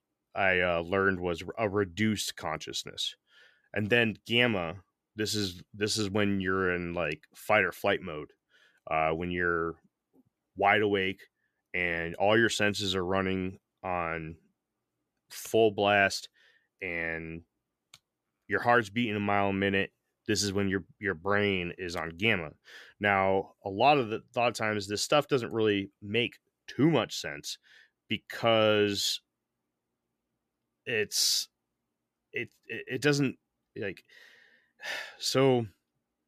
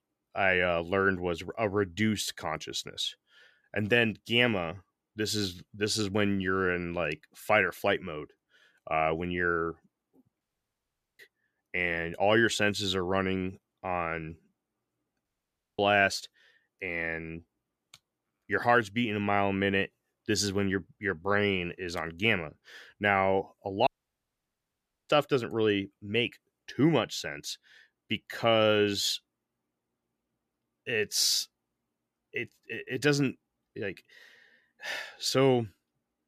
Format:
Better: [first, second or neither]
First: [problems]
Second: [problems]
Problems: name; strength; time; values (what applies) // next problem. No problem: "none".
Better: first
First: none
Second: audio cutting out; at 10 s for 1 s, at 15 s for 0.5 s and at 24 s for 1 s